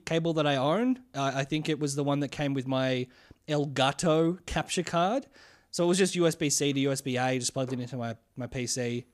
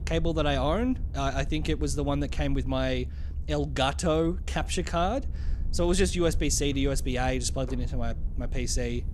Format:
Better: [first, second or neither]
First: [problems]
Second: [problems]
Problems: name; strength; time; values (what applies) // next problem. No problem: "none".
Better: first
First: none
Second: low rumble; faint; throughout; 20 dB below the speech